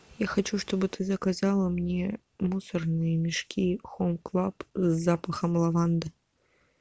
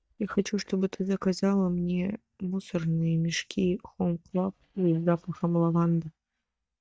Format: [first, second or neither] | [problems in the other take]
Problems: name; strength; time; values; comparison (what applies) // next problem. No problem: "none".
first | noise reduction (neural mask model DeepFilterNet 3)